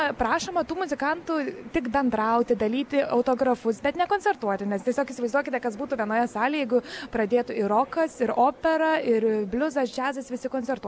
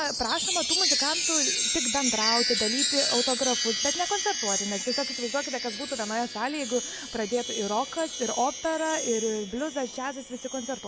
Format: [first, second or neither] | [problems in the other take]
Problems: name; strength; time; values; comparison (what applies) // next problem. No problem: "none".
first | background sound (Chime); as loud as the speech